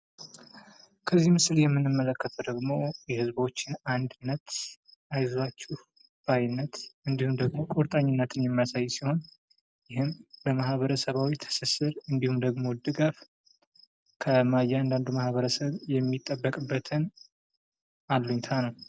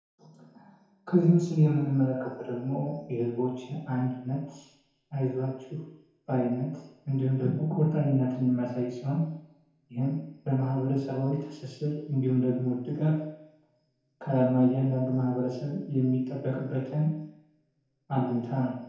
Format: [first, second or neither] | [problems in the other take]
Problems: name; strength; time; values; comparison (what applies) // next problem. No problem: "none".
first | room echo; dies away in 0.9 s